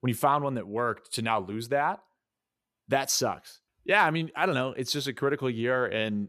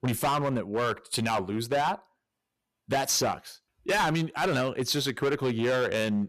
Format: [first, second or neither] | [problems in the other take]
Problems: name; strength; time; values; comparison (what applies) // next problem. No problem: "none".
first | distortion; heavy; 13% of the sound clipped